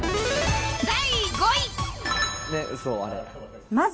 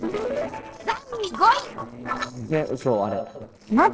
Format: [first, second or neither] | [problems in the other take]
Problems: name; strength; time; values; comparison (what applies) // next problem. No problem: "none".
first | noise reduction (neural separator model SepFormer DNS4)